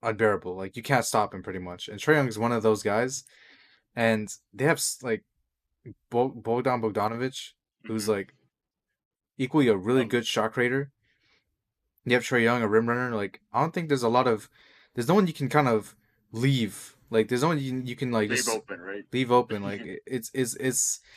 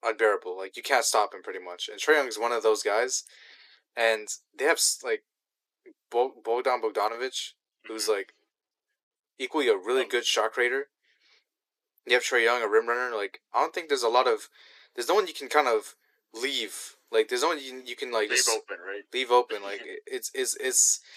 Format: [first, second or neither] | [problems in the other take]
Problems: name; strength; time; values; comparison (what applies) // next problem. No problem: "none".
first | thin; very; fading below 350 Hz